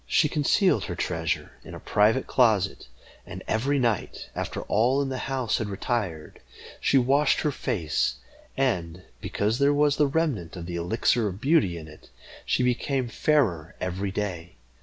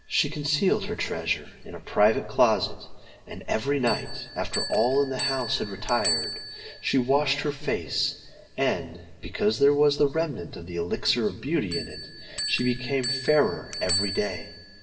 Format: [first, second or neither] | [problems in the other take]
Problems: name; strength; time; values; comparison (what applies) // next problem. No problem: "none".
first | background sound (Bell); 11 dB below the speech // room echo; dies away in 2.1 s